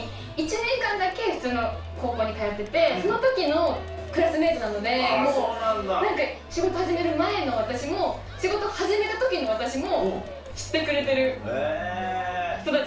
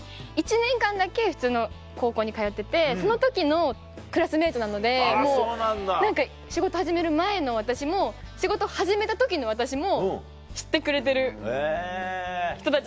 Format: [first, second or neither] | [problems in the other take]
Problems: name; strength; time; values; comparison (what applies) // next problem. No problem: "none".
second | background sound (Crowd); 17 dB below the speech // room echo; dies away in 0.3 s